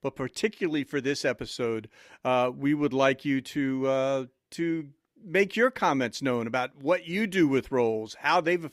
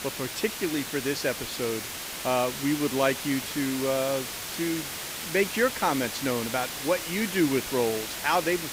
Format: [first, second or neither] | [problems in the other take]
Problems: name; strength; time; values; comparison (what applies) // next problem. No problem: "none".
first | hiss; loud; throughout; 5 dB below the speech